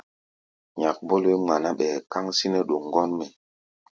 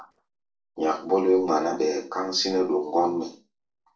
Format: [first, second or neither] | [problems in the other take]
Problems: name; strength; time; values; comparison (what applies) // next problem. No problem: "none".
first | noise reduction (neural separator model SepFormer DNS4)